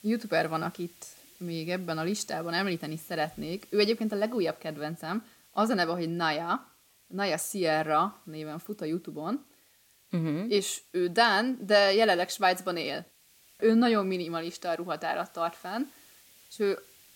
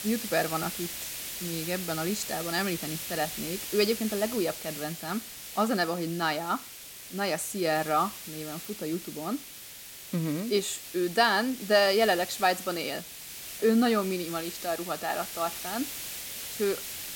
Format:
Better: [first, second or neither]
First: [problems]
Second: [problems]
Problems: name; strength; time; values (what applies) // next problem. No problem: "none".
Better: first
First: hiss; faint; throughout; 25 dB below the speech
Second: hiss; loud; throughout; 8 dB below the speech